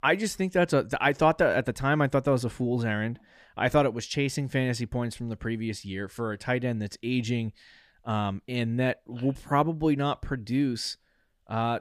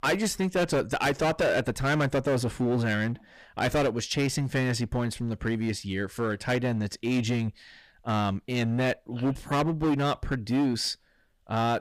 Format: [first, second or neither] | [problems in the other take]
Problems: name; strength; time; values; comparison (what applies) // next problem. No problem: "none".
first | distortion; heavy; 13% of the sound clipped